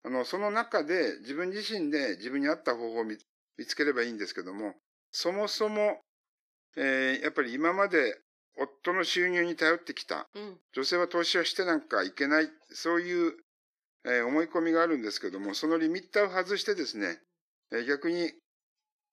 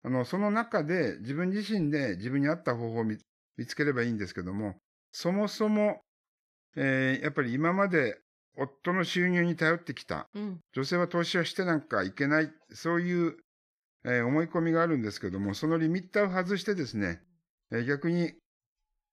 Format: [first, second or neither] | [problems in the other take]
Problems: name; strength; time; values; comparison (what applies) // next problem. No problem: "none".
second | thin; somewhat; fading below 300 Hz